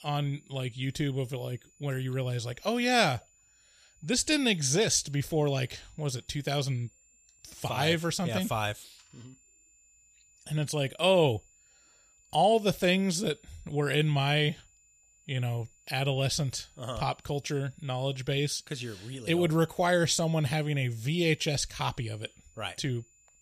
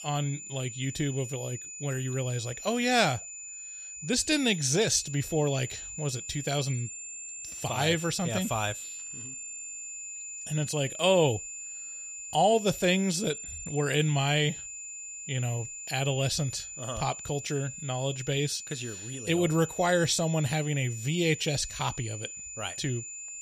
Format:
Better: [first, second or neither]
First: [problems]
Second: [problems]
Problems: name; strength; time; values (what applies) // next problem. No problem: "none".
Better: first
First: high-pitched whine; faint; throughout; 7 kHz, 30 dB below the speech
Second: high-pitched whine; loud; throughout; 7 kHz, 9 dB below the speech